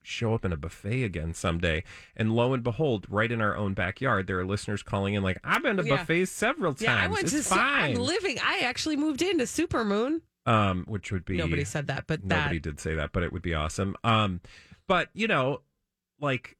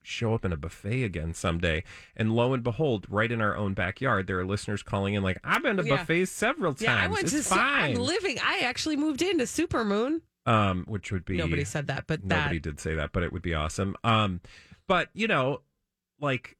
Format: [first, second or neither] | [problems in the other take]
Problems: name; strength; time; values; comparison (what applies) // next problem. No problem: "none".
neither | none